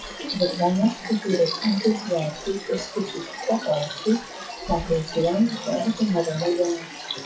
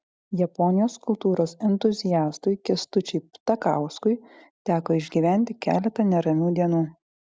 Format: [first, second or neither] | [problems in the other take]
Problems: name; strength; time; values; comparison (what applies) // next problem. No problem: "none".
second | noise reduction (classical method WPE with log-MMSE)